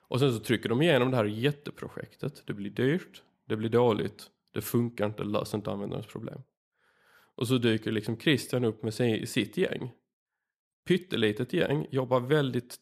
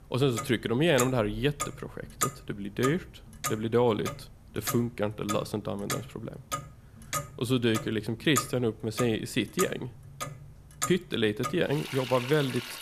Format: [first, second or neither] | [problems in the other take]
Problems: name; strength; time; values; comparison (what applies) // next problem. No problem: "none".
first | household noises; loud; throughout; 7 dB below the speech